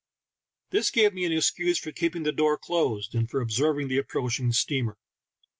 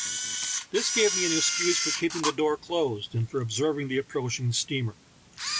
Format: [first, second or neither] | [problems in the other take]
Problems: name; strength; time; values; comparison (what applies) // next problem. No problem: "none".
first | background sound (Camera); 4 dB below the speech